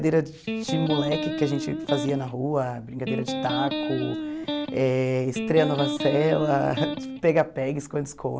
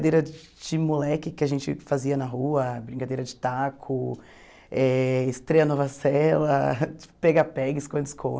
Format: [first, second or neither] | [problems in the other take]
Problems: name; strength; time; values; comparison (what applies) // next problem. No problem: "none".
second | background sound (Electric guitar); 4 dB below the speech